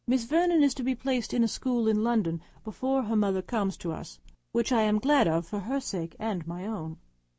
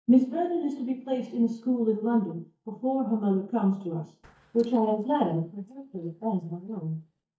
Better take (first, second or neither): first